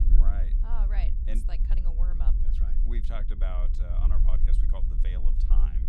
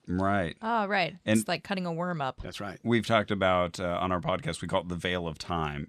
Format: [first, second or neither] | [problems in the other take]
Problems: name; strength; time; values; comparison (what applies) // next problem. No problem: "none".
second | low rumble; loud; throughout; 5 dB below the speech